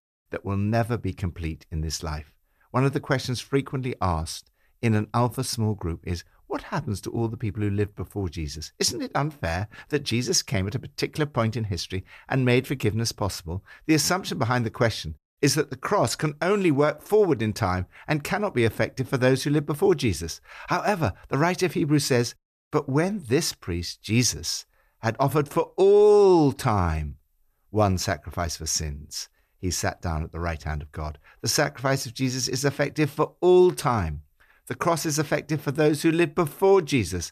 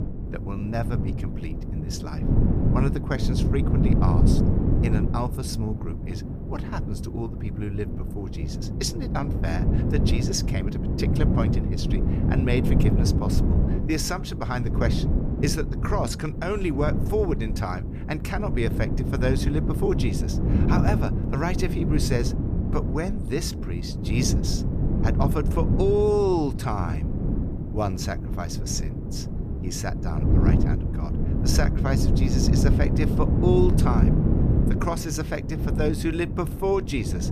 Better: first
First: none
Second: wind noise on the microphone; heavy; 4 dB below the speech

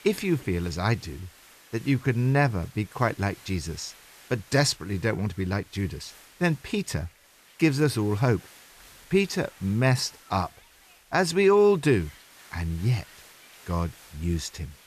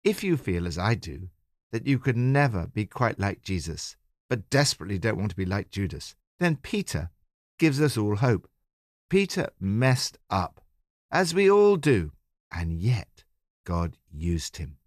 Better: second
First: hiss; faint; throughout; 25 dB below the speech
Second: none

